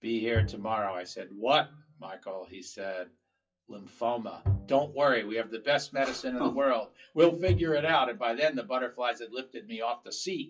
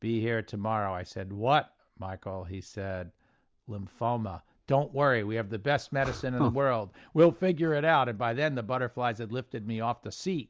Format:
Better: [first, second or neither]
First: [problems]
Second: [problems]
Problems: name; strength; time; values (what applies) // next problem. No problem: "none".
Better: second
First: noise reduction (classical method WPE with log-MMSE)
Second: none